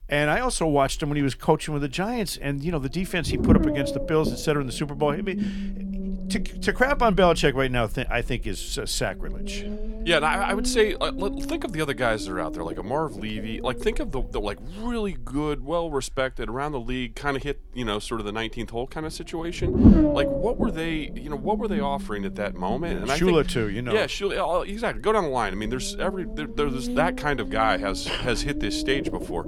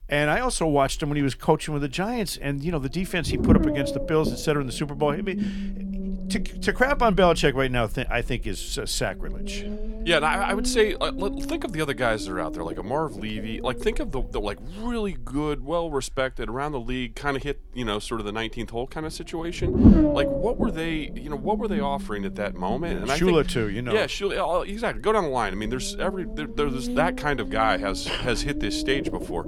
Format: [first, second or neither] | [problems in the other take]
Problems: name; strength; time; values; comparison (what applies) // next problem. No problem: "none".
neither | low rumble; loud; throughout; 7 dB below the speech; the same in both